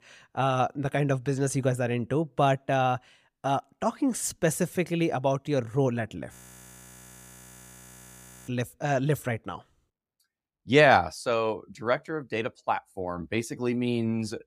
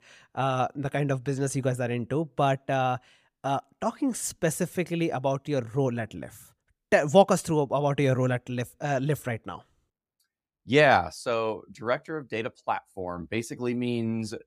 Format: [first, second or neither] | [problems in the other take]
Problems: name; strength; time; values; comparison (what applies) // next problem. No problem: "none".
second | audio freezing; at 6.5 s for 2 s